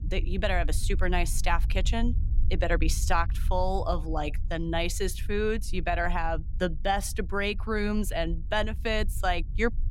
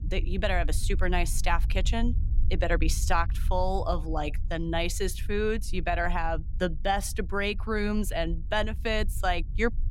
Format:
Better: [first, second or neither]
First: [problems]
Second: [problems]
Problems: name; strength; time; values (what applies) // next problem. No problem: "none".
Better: neither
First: low rumble; faint; throughout; 25 dB below the speech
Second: low rumble; faint; throughout; 25 dB below the speech